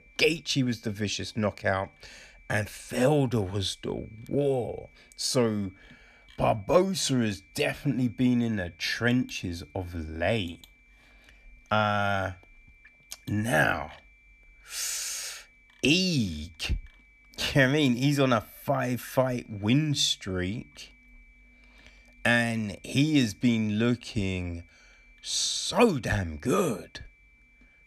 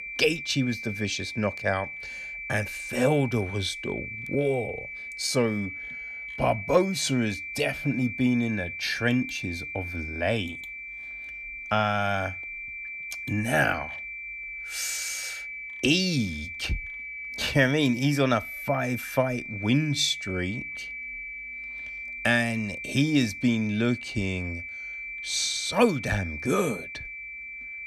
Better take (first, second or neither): first